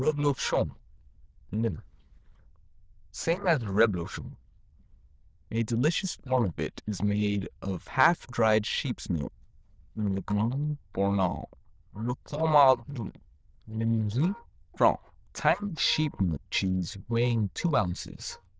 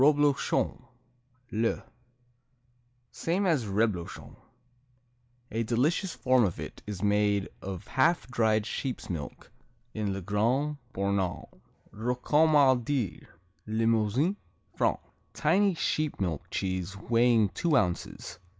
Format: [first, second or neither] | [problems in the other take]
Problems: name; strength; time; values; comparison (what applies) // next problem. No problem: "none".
second | noise reduction (neural diffusion model UNIVERSE++)